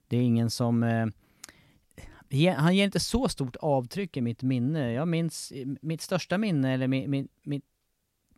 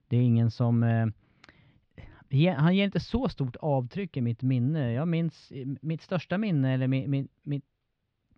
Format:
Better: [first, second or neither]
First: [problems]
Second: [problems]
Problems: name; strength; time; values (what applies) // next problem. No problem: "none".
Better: first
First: none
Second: muffled; slightly; fading above 4 kHz